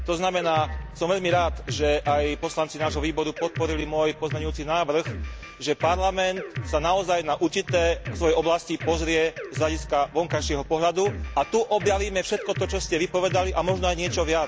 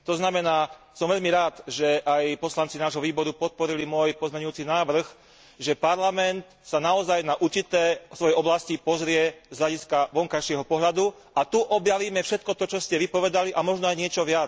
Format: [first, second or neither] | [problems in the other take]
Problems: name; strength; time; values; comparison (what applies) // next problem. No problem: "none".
second | background sound (Drum kit); 9 dB below the speech